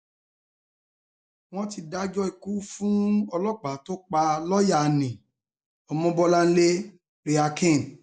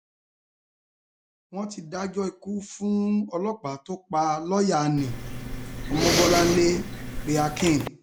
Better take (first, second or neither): first